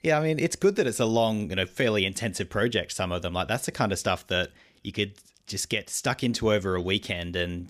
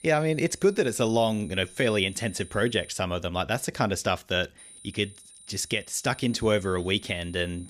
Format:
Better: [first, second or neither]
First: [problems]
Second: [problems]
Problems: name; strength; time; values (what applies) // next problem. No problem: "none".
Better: first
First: none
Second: high-pitched whine; faint; until 3 s and from 4.5 s on; 9 kHz, 20 dB below the speech